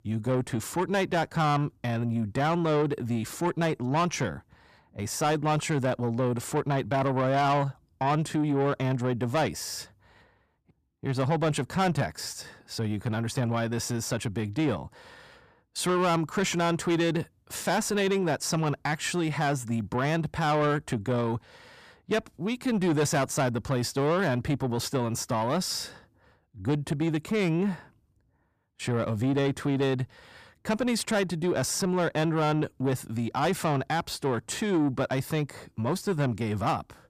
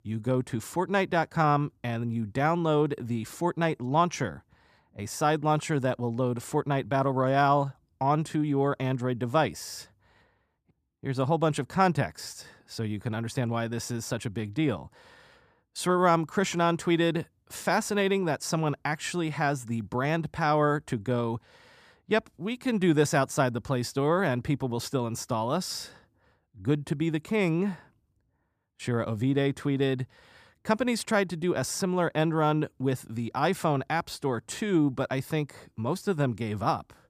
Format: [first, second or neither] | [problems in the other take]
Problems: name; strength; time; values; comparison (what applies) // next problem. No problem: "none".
second | distortion; slight; 10 dB below the speech